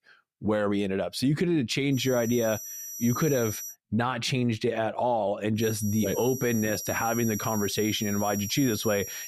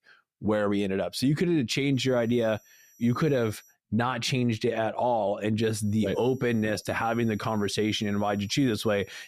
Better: second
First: high-pitched whine; loud; from 2 to 3.5 s and from 5.5 s on; 5.5 kHz, 8 dB below the speech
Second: high-pitched whine; faint; from 2 to 3.5 s and from 5.5 s on; 5.5 kHz, 30 dB below the speech

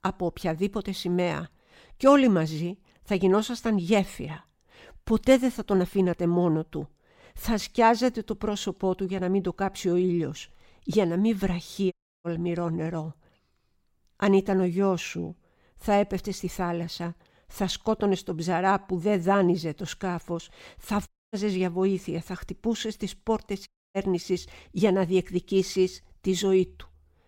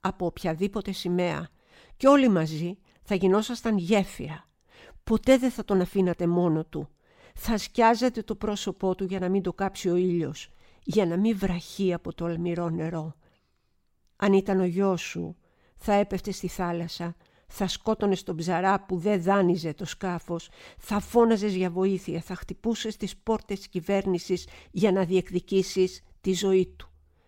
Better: second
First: audio cutting out; at 12 s, at 21 s and at 24 s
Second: none

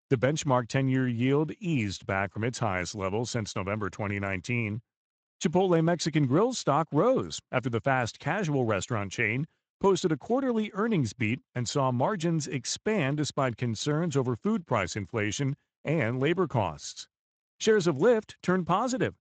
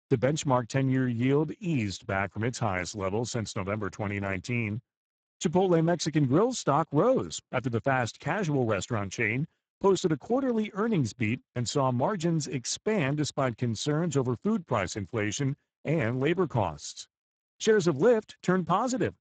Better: first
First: garbled, watery; slightly; nothing above 7.5 kHz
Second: garbled, watery; badly; nothing above 7.5 kHz

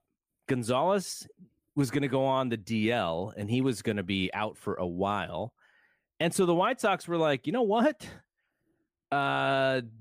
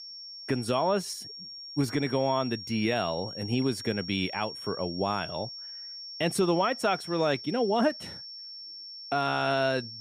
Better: first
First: none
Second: high-pitched whine; noticeable; throughout; 5.5 kHz, 10 dB below the speech

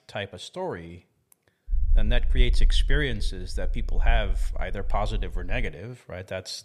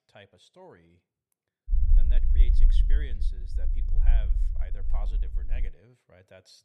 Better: first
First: low rumble; faint; from 1.5 to 5.5 s; 20 dB below the speech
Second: low rumble; loud; from 1.5 to 5.5 s; 3 dB below the speech

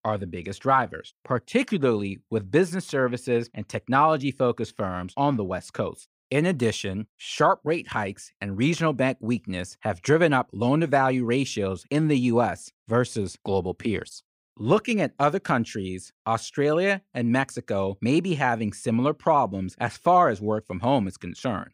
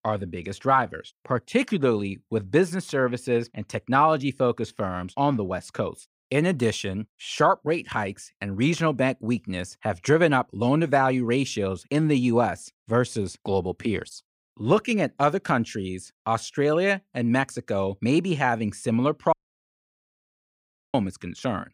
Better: first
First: none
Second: audio cutting out; at 19 s for 1.5 s

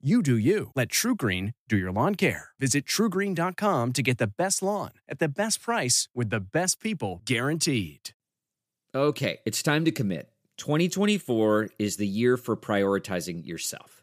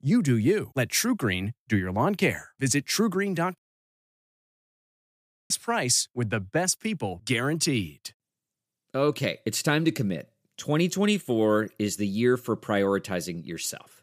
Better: first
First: none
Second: audio cutting out; at 3.5 s for 2 s

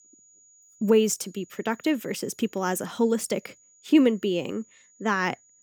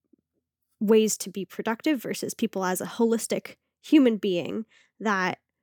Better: second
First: high-pitched whine; faint; throughout; 7 kHz, 30 dB below the speech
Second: none

